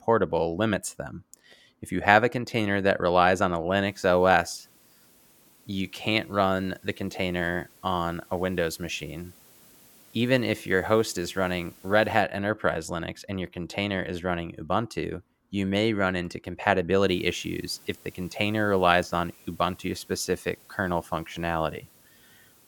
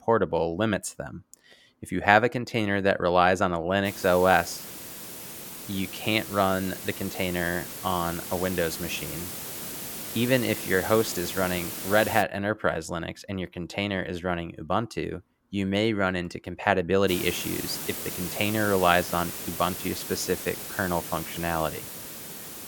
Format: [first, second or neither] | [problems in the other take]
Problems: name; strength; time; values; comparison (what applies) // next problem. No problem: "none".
first | hiss; loud; from 4 to 12 s and from 17 s on; 8 dB below the speech; faint in the first